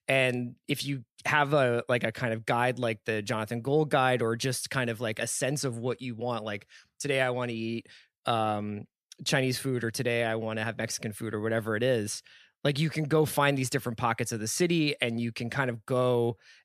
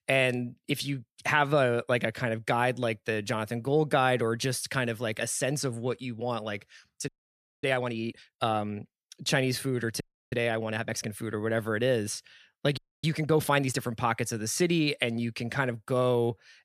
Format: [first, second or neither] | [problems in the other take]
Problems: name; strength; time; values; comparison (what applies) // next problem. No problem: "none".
first | audio freezing; at 7 s for 0.5 s, at 10 s and at 13 s